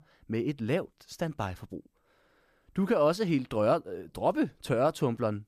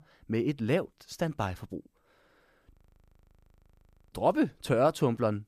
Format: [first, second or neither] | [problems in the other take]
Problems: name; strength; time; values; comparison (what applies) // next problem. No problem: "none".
first | audio freezing; at 2.5 s for 1.5 s